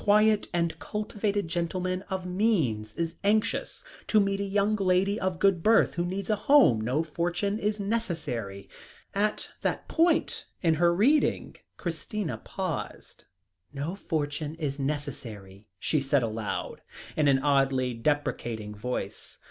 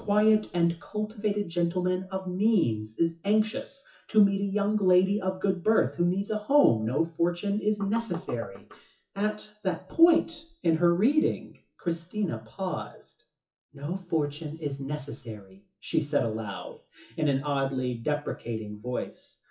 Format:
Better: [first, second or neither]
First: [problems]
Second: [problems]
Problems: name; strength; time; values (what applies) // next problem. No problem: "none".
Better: first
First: none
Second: noise reduction (classical method WPE with log-MMSE)